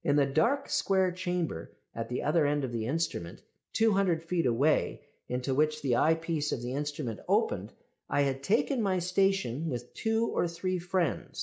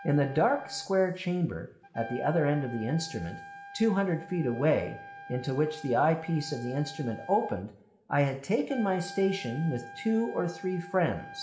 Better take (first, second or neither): first